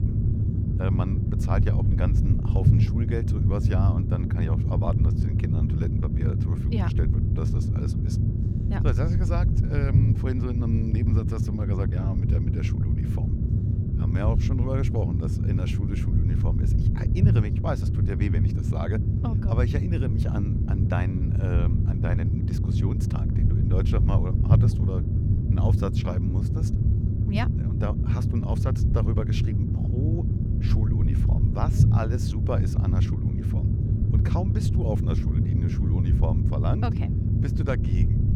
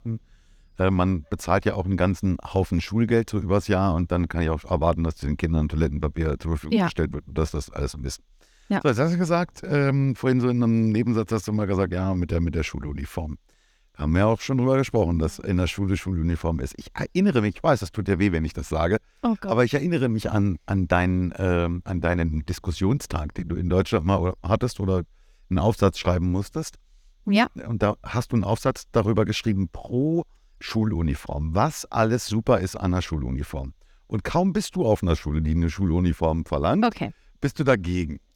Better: second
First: low rumble; loud; throughout; as loud as the speech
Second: none

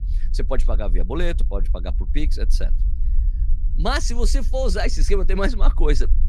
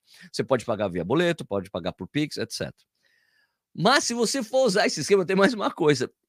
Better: second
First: low rumble; noticeable; throughout; 20 dB below the speech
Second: none

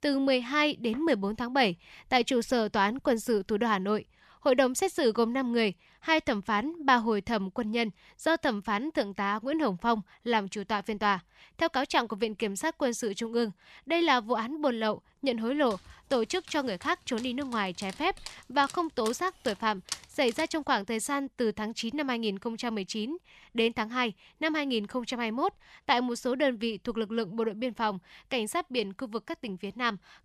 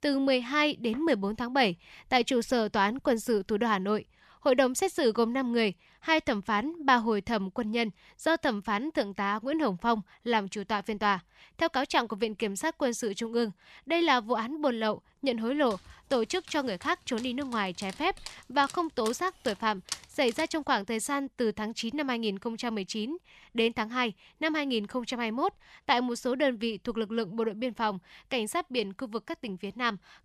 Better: neither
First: dog barking; noticeable; from 16 to 20 s; peak 9 dB below the speech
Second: dog barking; noticeable; from 16 to 20 s; peak 9 dB below the speech

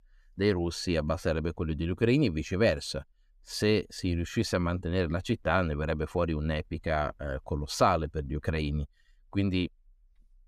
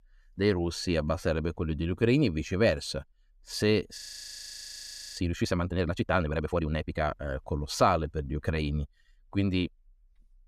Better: first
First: none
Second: audio freezing; at 4 s for 1 s

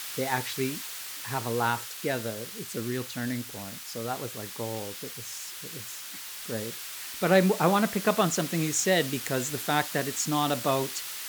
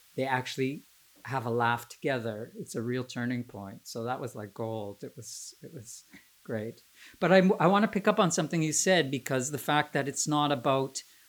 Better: second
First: hiss; loud; throughout; 7 dB below the speech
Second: hiss; faint; throughout; 30 dB below the speech

